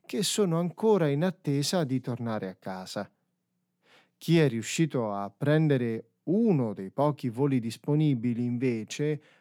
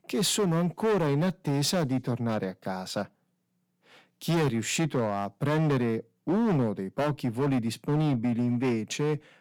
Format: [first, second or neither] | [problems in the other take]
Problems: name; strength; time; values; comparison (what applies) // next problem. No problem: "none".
first | distortion; heavy; 14% of the sound clipped